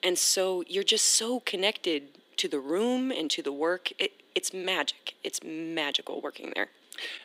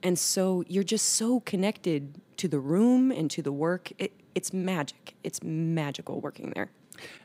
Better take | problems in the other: second | thin; somewhat; fading below 300 Hz

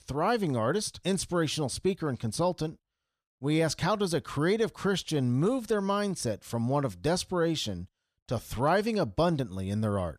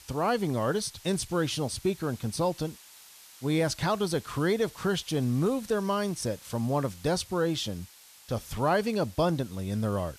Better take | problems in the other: first | hiss; faint; throughout; 20 dB below the speech

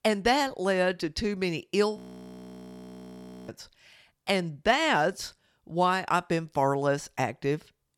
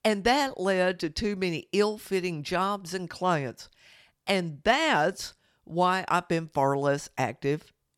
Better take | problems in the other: second | audio freezing; at 2 s for 1.5 s

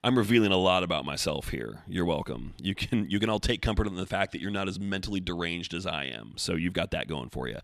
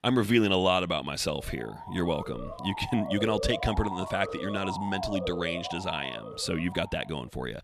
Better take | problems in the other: first | siren; noticeable; from 1.5 s on; peak 4 dB below the speech

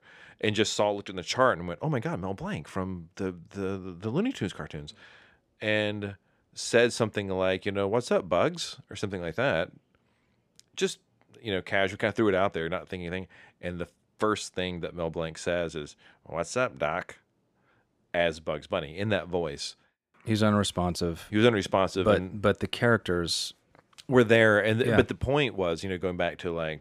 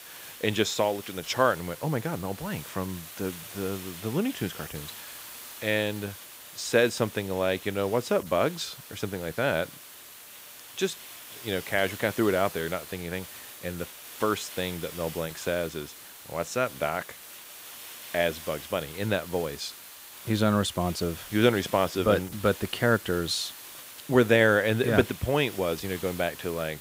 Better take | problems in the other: first | hiss; noticeable; throughout; 15 dB below the speech

